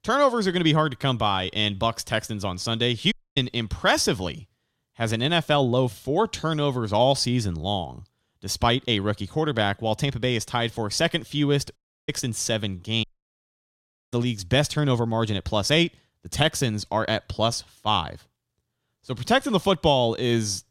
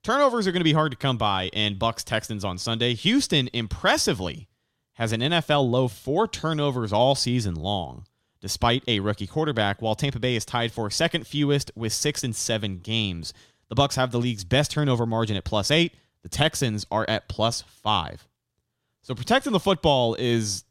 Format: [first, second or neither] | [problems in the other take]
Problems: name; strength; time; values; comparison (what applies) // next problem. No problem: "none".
second | audio cutting out; at 3 s, at 12 s and at 13 s for 1 s